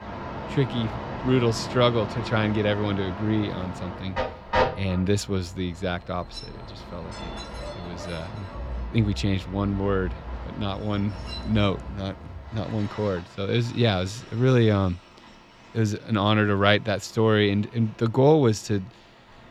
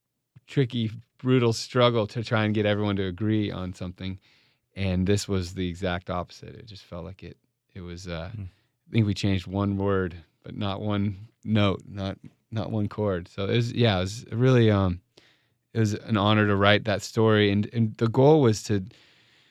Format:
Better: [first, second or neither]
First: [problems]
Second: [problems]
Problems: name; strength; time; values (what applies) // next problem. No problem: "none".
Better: second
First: train or aircraft noise; loud; throughout; 10 dB below the speech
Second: none